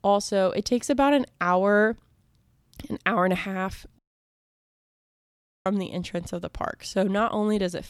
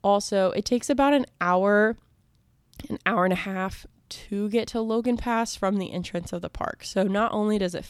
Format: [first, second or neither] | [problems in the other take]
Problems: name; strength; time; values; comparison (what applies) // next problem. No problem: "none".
second | audio cutting out; at 4 s for 1.5 s